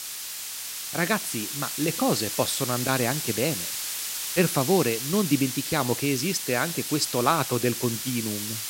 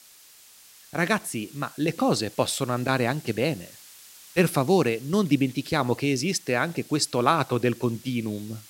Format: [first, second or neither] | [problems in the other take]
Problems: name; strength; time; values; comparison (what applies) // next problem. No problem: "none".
second | hiss; loud; throughout; 3 dB below the speech; faint in the second